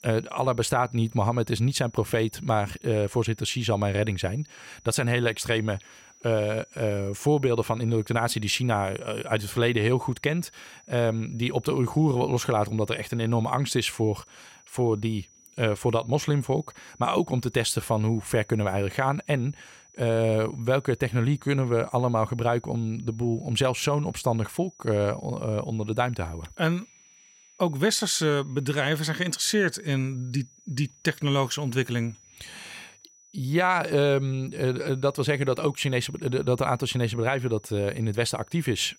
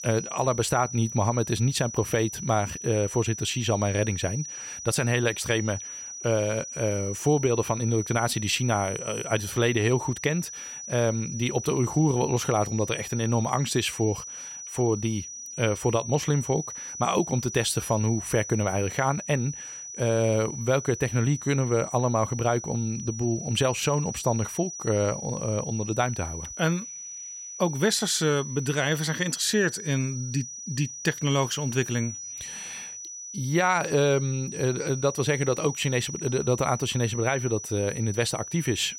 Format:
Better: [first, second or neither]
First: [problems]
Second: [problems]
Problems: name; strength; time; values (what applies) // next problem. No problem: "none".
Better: first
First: high-pitched whine; faint; throughout; 6 kHz, 25 dB below the speech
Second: high-pitched whine; loud; throughout; 6 kHz, 9 dB below the speech